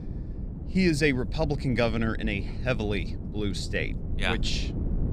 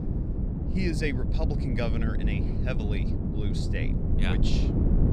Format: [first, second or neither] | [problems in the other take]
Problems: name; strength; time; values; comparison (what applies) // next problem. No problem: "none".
first | wind noise on the microphone; heavy; 2 dB below the speech; occasional gusts in the first